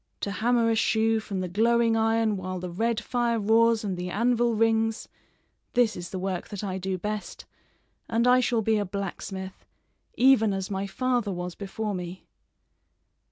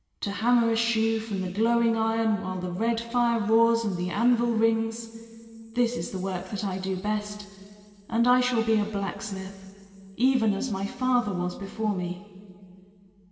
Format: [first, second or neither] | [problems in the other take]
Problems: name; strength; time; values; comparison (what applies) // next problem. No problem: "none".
first | room echo; dies away in 2.5 s